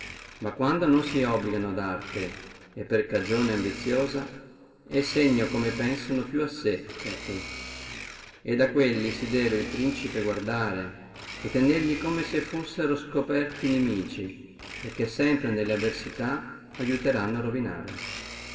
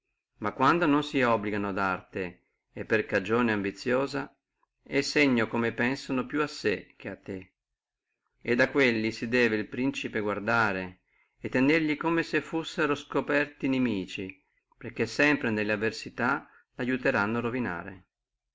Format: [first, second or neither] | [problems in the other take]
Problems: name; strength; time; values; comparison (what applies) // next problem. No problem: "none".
second | background sound (Domestic sounds, home sounds); 14 dB below the speech // room echo; dies away in 1.8 s